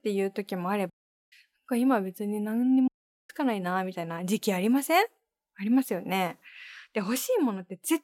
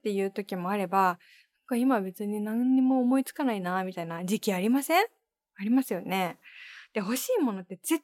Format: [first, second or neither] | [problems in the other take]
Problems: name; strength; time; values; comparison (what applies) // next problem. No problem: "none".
second | audio cutting out; at 1 s and at 3 s